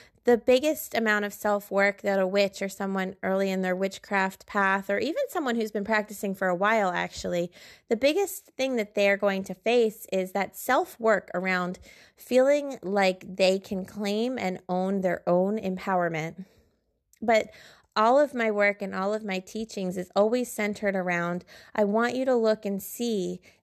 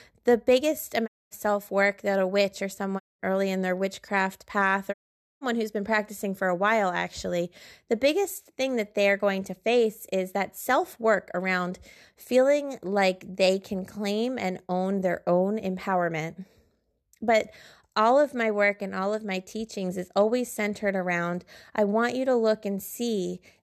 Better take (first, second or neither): first